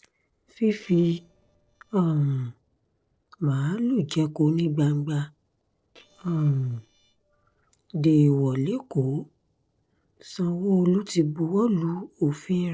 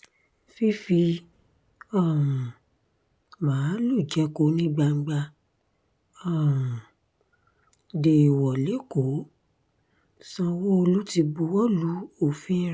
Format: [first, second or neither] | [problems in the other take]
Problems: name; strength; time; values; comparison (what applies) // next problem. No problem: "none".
second | noise reduction (neural separator model SepFormer DNS4)